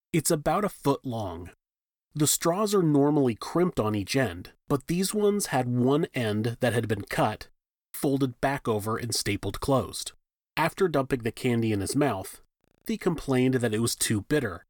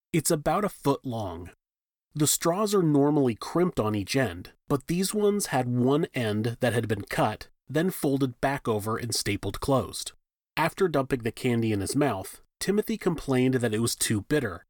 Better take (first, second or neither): second